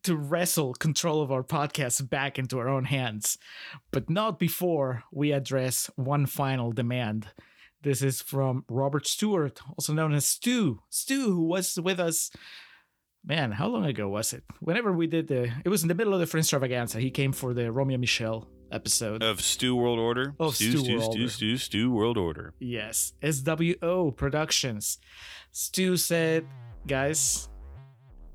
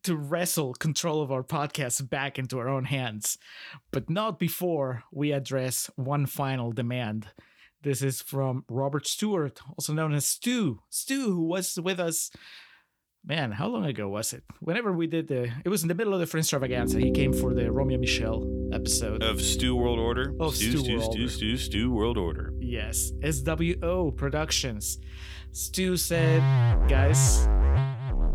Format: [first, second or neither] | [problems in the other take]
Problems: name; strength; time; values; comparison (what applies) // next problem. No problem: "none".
first | background music; loud; from 17 s on; as loud as the speech; faint in the first